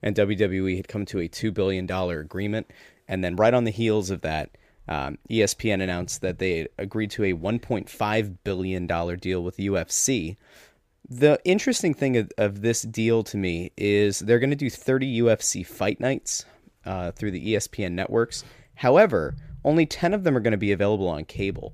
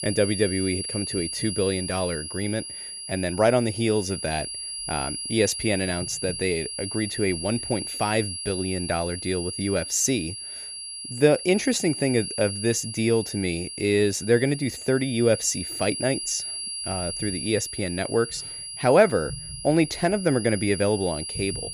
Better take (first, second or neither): first